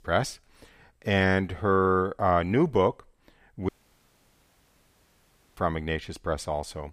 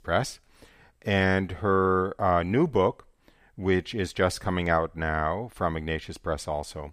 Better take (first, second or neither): second